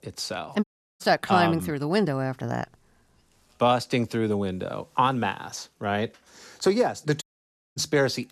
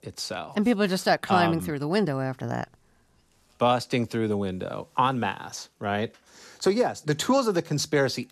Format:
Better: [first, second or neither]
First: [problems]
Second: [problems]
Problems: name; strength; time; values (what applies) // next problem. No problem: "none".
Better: second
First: audio cutting out; at 0.5 s and at 7 s for 0.5 s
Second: none